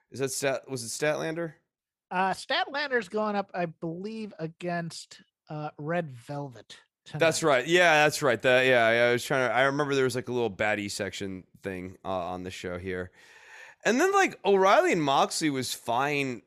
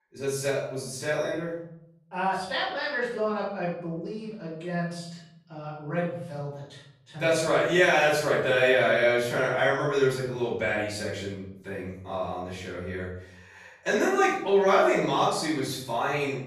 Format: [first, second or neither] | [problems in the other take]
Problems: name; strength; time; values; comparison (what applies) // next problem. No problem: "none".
first | off-mic speech; far // room echo; noticeable; dies away in 0.8 s